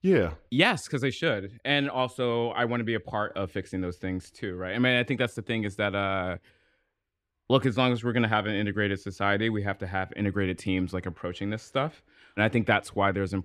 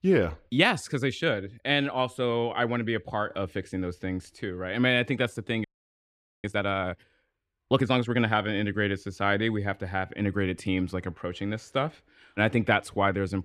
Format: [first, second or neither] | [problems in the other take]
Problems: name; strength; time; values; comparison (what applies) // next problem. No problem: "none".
first | audio freezing; at 5.5 s for 1 s